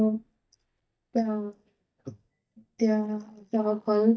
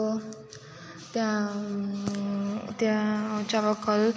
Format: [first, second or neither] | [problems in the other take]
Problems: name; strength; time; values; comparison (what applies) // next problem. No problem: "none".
second | noise reduction (neural mask model DeepFilterNet 3)